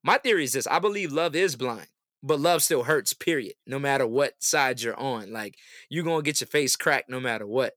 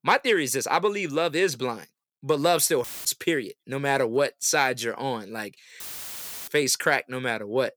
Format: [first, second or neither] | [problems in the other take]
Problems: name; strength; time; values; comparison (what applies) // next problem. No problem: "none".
first | audio cutting out; filled with static; at 3 s and at 6 s for 0.5 s